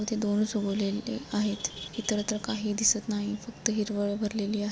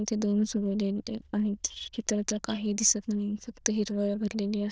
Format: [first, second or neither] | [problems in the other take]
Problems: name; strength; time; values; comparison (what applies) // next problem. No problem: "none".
first | noise reduction (neural diffusion model UNIVERSE++)